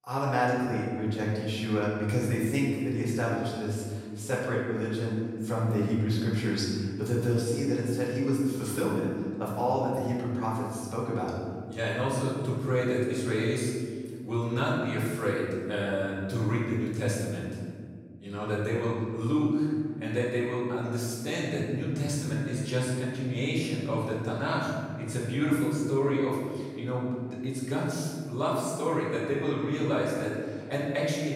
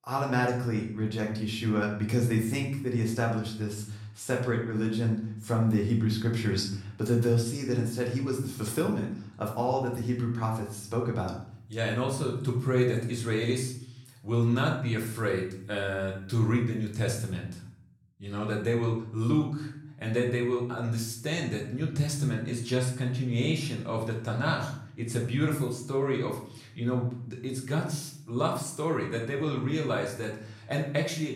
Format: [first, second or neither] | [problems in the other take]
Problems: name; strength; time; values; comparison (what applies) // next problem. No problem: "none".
second | room echo; strong; dies away in 1.9 s; slight in the second // off-mic speech; far; far in the second